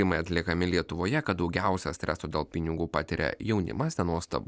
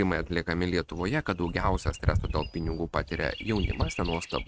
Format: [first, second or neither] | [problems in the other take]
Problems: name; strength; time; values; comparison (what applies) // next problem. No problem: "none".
first | noise reduction (neural mask model RNNoise)